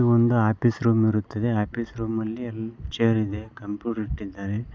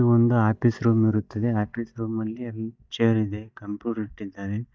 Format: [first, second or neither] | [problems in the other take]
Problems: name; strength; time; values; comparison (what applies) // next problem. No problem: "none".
first | noise reduction (neural mask model DeepFilterNet 3)